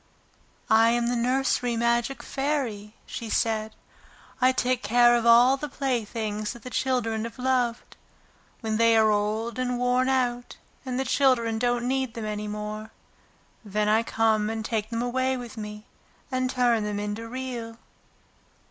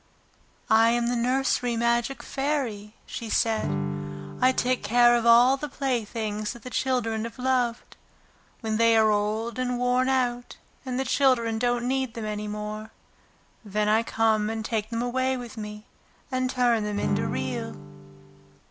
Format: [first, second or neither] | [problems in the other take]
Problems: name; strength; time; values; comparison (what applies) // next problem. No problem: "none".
first | background sound (Acoustic guitar / Strum); 6 dB below the speech